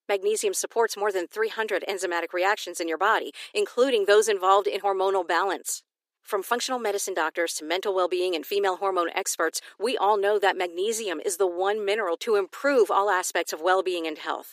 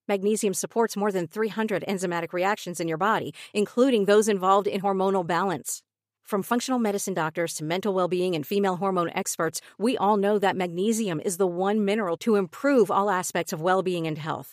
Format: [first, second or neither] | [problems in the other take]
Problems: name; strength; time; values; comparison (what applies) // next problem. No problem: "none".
second | thin; somewhat; fading below 300 Hz